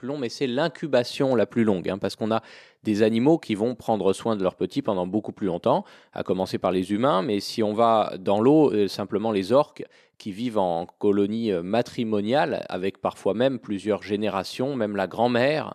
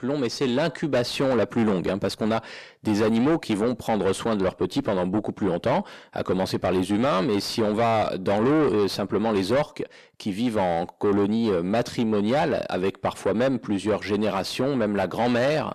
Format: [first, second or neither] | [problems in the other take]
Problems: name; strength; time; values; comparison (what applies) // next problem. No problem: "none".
first | distortion; heavy; 7 dB below the speech